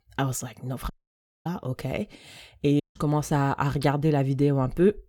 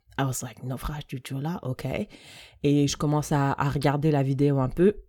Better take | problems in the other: second | audio cutting out; at 1 s for 0.5 s and at 3 s

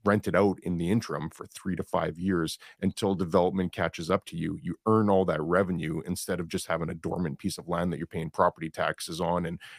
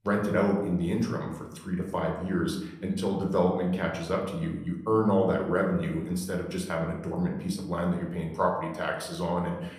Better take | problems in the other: first | room echo; slight; dies away in 0.7 s // off-mic speech; somewhat distant

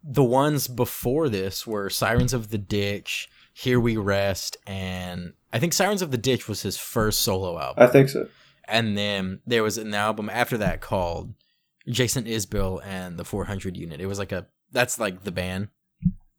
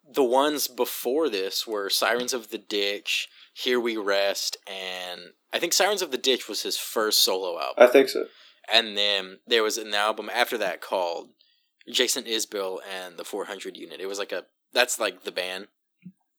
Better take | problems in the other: first | thin; somewhat; fading below 300 Hz

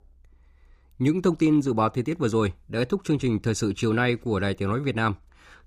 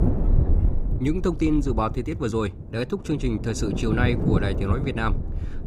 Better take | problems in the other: first | wind noise on the microphone; heavy; 8 dB below the speech

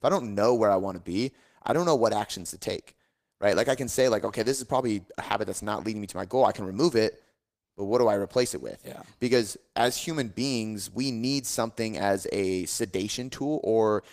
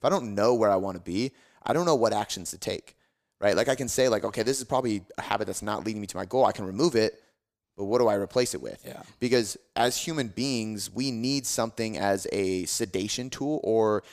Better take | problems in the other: second | garbled, watery; slightly; nothing above 15 kHz

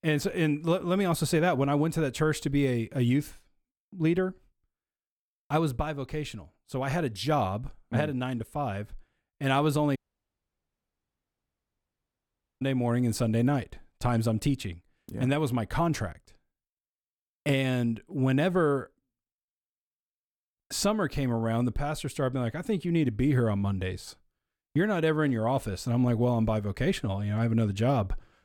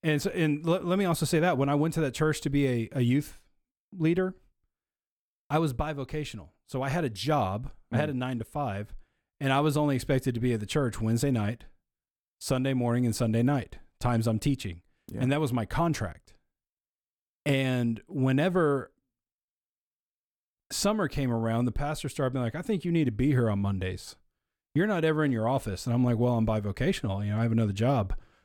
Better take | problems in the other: second | audio cutting out; at 10 s for 2.5 s

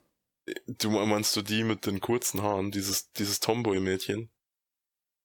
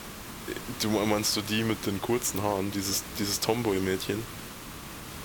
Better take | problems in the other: first | hiss; noticeable; throughout; 10 dB below the speech

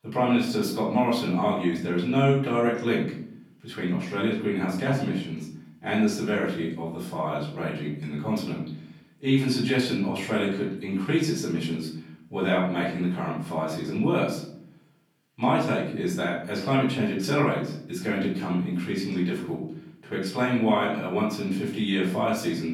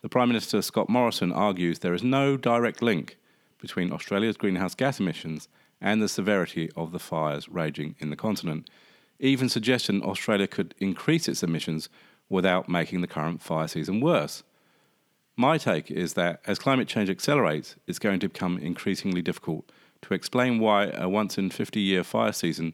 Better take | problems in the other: second | room echo; noticeable; dies away in 0.6 s // off-mic speech; far

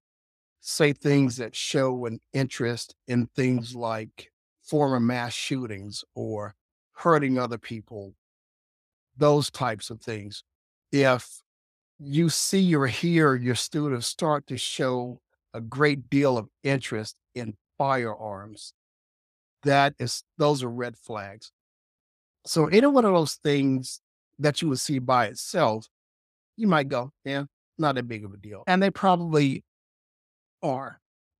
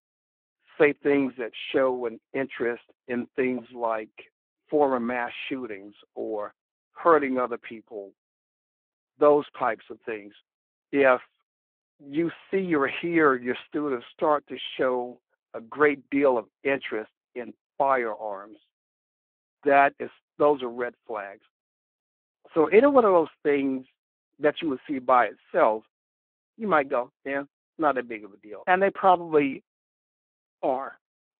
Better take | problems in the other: first | phone-call audio

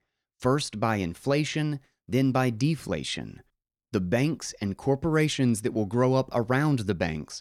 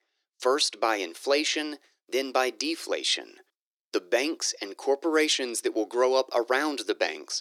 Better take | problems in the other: first | thin; very; fading below 300 Hz

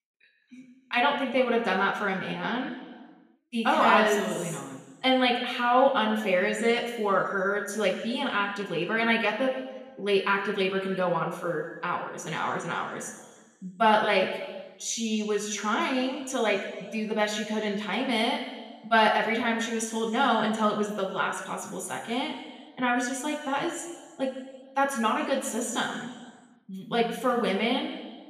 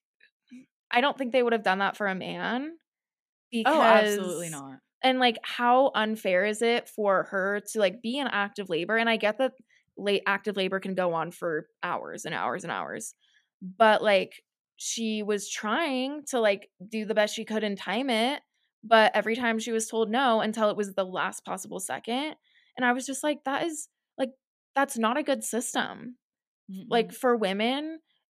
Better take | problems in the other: second | room echo; noticeable; dies away in 1.3 s // off-mic speech; somewhat distant

